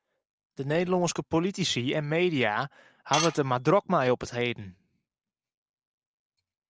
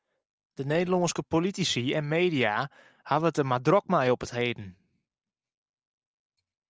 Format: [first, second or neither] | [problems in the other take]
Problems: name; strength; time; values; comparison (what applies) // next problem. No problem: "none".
second | background sound (Tools); 5 dB below the speech